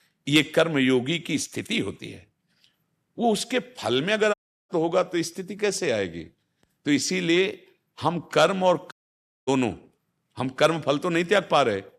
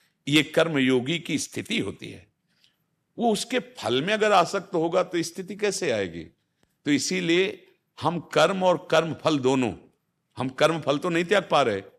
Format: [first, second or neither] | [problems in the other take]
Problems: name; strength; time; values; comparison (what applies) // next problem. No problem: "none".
second | audio cutting out; at 4.5 s and at 9 s for 0.5 s